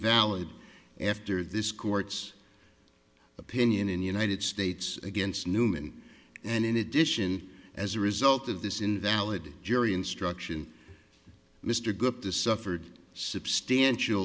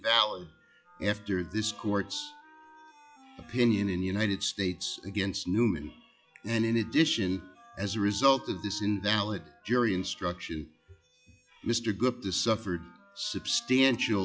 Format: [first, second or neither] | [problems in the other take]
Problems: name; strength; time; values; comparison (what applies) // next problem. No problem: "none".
first | noise reduction (classical method log-MMSE)